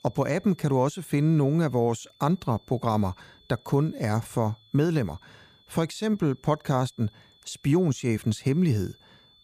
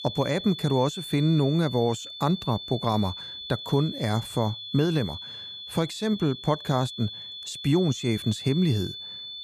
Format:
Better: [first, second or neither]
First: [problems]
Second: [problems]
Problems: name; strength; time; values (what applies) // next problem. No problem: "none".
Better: first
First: high-pitched whine; faint; throughout; 3.5 kHz, 30 dB below the speech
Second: high-pitched whine; loud; throughout; 3.5 kHz, 10 dB below the speech